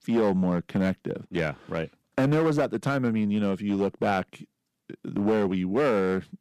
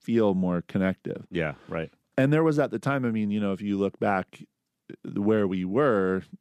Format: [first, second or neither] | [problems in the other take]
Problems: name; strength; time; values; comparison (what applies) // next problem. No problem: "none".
second | distortion; slight; 7% of the sound clipped